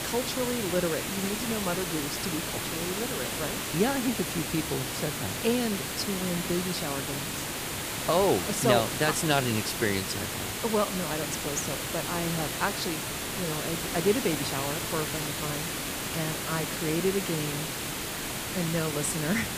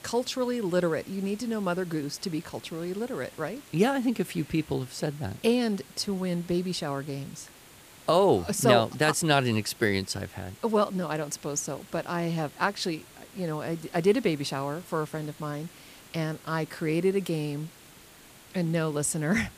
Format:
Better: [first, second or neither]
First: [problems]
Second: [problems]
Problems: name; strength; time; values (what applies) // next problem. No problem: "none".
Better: second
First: hiss; loud; throughout; 1 dB below the speech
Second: hiss; faint; throughout; 20 dB below the speech